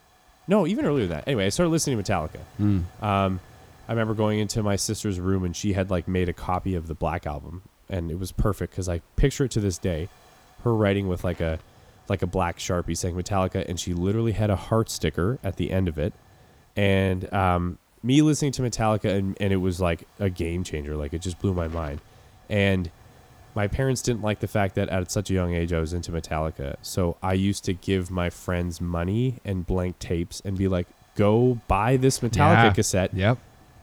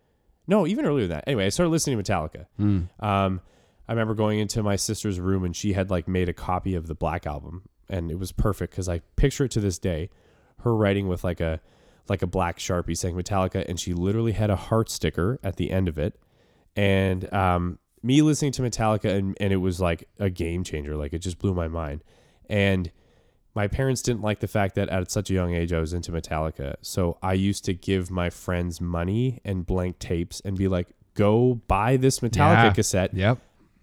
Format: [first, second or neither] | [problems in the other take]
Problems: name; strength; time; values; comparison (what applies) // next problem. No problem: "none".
second | hiss; faint; throughout; 30 dB below the speech